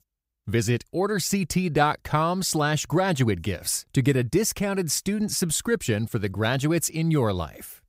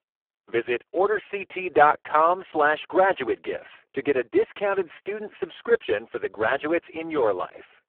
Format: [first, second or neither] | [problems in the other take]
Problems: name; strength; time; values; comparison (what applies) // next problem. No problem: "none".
first | phone-call audio; poor line